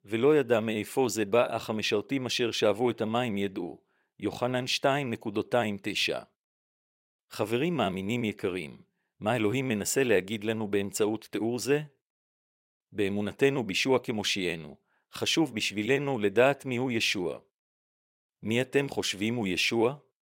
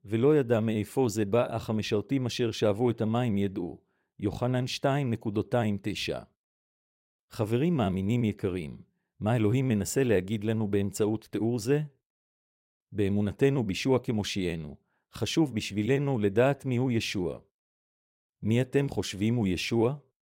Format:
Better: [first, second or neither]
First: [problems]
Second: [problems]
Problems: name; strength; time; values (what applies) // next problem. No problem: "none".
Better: second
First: thin; very slightly; fading below 450 Hz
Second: none